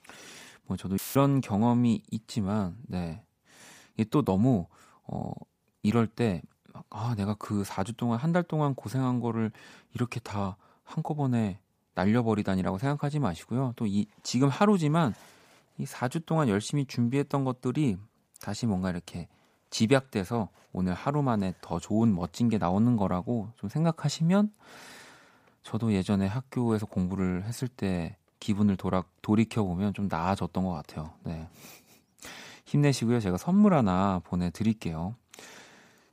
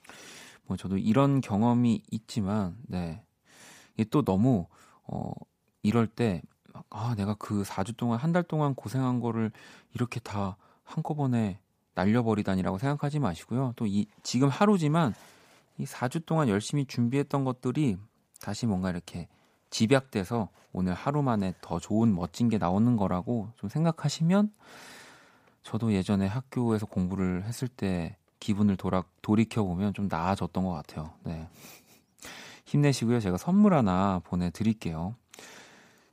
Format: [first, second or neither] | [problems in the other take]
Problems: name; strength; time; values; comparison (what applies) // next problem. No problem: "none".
second | audio cutting out; filled with static; at 1 s